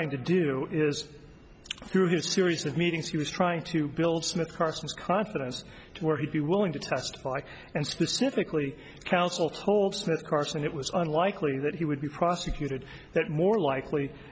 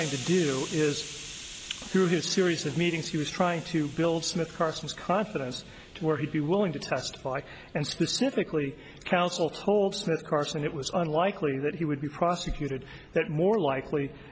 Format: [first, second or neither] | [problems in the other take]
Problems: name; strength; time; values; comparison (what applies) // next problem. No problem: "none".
first | background sound (Hiss); 18 dB below the speech